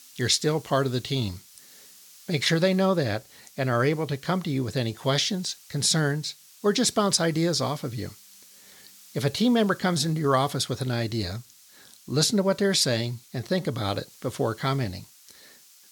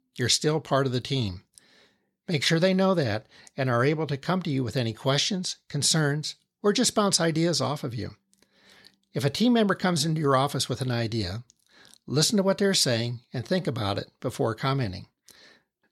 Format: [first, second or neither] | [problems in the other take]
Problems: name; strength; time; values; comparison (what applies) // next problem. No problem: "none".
second | hiss; faint; throughout; 25 dB below the speech